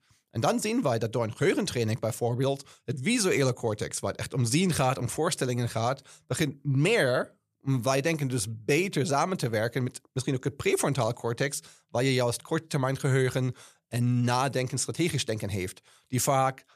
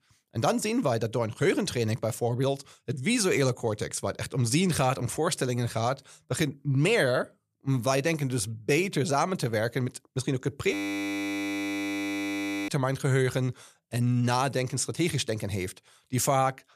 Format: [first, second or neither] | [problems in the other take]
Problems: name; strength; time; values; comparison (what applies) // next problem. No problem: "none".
first | audio freezing; at 11 s for 2 s